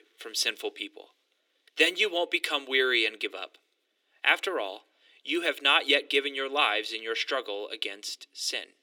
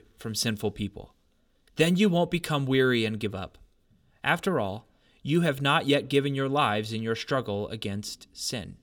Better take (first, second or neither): second